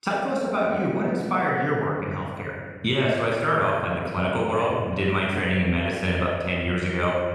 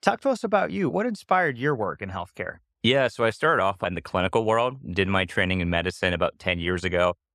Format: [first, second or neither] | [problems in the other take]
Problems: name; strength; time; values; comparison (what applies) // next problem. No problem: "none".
second | room echo; strong; dies away in 1.7 s // off-mic speech; far